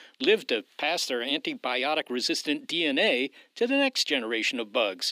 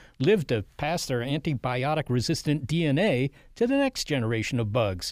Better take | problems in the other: second | thin; very slightly; fading below 250 Hz

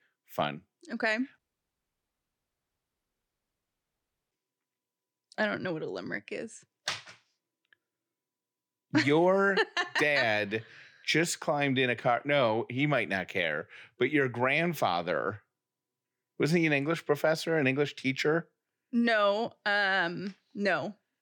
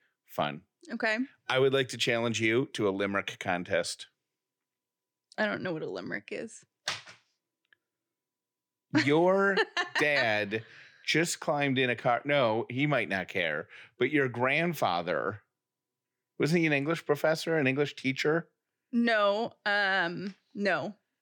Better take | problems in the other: second | audio cutting out; at 1.5 s for 3 s

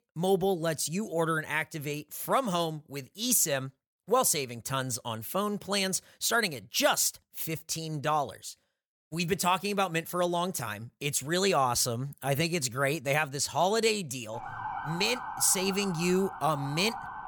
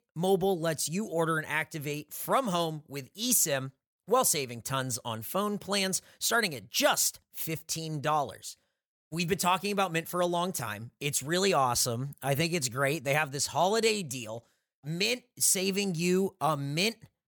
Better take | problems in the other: second | siren; noticeable; from 14 s on; peak 7 dB below the speech

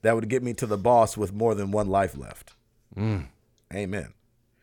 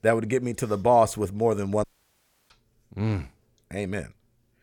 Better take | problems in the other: first | audio cutting out; at 2 s for 0.5 s

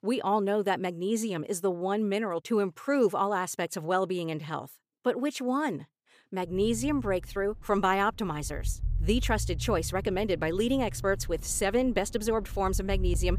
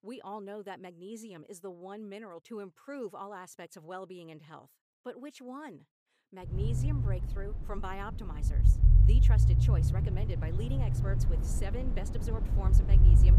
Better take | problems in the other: first | low rumble; loud; from 6.5 s on; as loud as the speech; faint in the first

